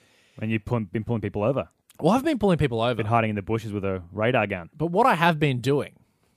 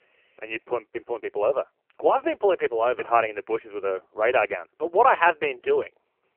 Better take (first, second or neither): first